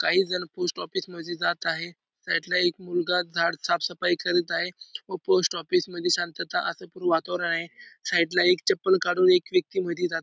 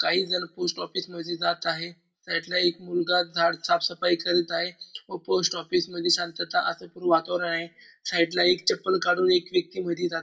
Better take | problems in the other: first | room echo; dies away in 0.2 s

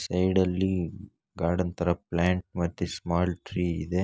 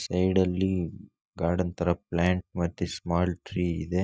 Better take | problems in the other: first | noise reduction (neural mask model DeepFilterNet 3)

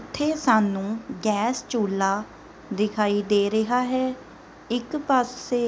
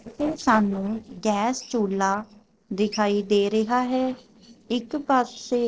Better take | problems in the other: first | noise reduction (neural separator model SepFormer DNS4)

